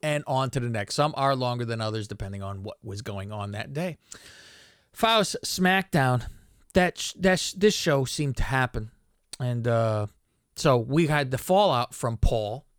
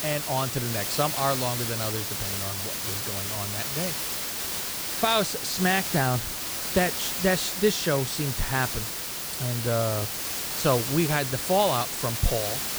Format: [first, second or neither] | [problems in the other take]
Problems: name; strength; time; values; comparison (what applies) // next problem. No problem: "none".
first | hiss; loud; throughout; 1 dB below the speech